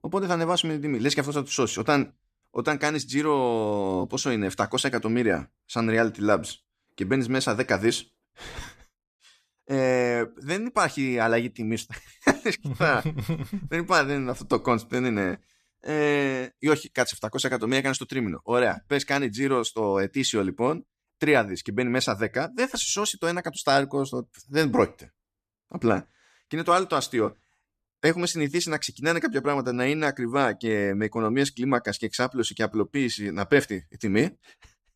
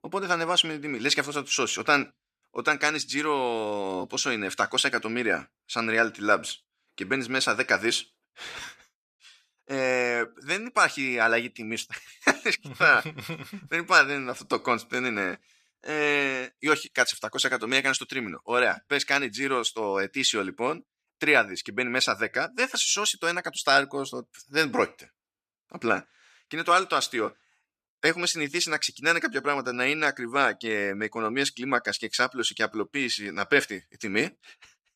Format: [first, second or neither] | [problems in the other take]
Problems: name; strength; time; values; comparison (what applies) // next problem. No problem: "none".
first | thin; somewhat; fading below 850 Hz